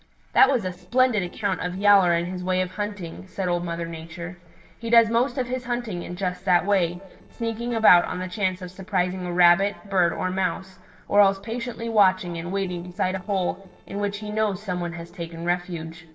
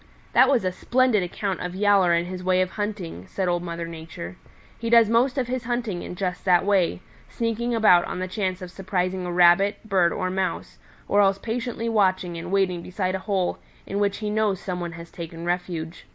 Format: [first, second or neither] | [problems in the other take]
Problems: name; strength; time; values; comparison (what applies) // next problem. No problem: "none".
second | noise reduction (neural separator model SepFormer DNS4)